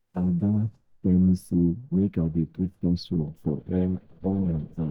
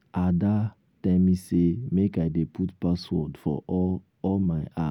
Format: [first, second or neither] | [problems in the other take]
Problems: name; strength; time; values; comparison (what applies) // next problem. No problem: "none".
second | noise reduction (neural mask model DeepFilterNet 3)